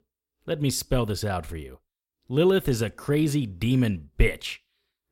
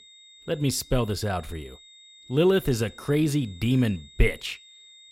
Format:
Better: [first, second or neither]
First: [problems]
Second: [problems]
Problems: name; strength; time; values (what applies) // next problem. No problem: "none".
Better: first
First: none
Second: high-pitched whine; faint; throughout; 3.5 kHz, 25 dB below the speech